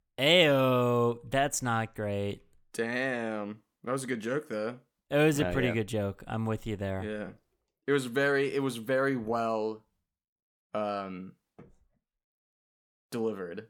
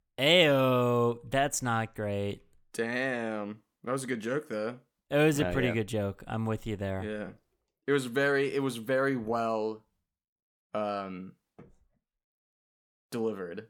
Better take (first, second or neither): neither